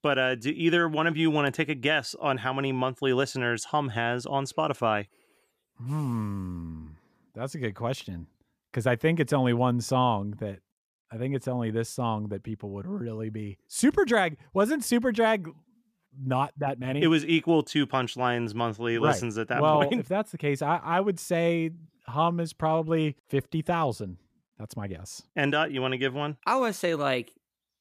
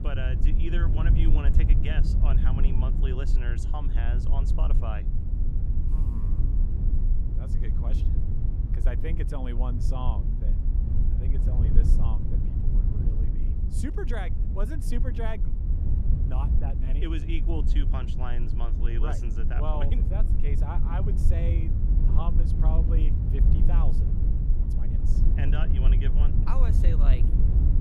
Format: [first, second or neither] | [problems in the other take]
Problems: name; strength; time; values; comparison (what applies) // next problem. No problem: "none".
first | low rumble; loud; throughout; 3 dB below the speech